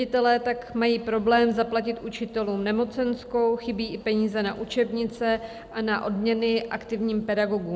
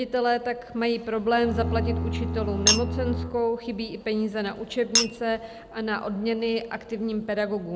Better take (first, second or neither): first